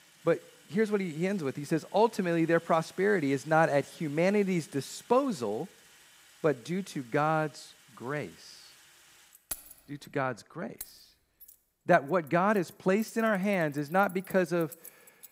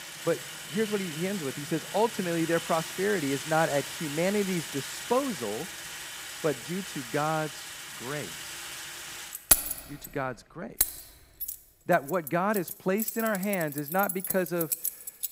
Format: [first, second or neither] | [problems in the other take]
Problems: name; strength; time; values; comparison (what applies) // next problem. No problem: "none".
first | household noises; loud; throughout; 3 dB below the speech; faint in the first